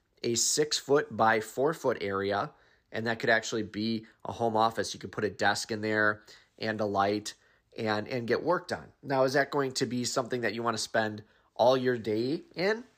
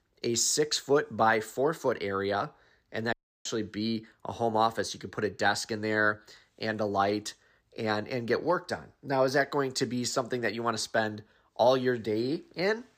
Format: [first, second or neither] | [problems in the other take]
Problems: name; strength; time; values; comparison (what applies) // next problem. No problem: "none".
first | audio cutting out; at 3 s